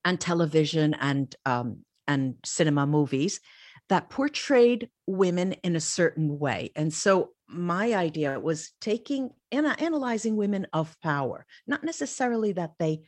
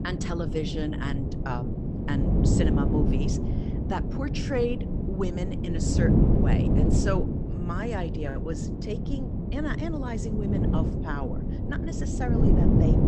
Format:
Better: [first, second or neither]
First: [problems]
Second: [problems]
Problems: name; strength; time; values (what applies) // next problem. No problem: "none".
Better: first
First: none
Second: wind noise on the microphone; heavy; as loud as the speech